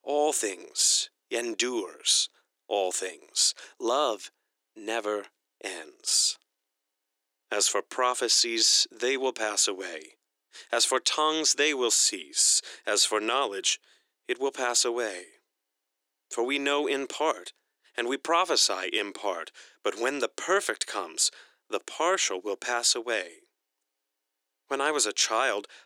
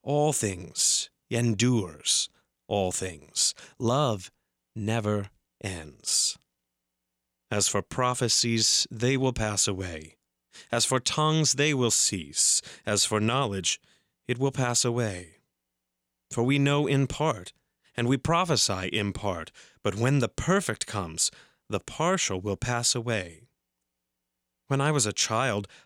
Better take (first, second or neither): second